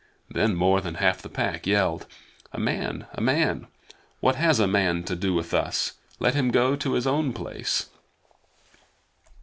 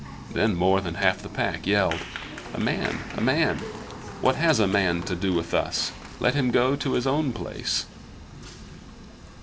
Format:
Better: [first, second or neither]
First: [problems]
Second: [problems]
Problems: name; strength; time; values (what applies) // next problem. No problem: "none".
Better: first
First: none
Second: background sound (Applause); 12 dB below the speech